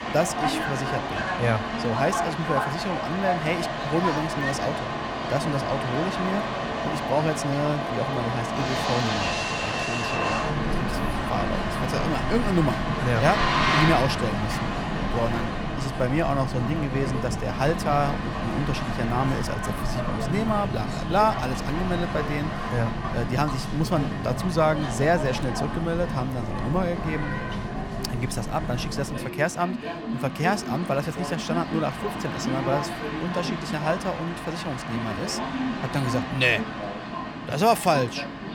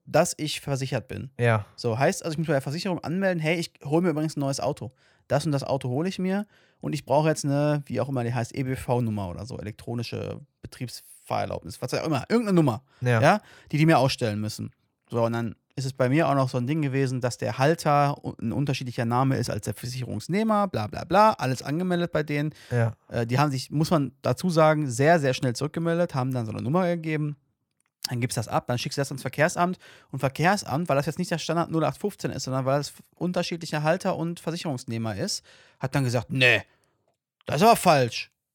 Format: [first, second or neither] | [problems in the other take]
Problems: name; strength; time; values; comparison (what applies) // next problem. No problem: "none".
second | train or aircraft noise; loud; throughout; 1 dB below the speech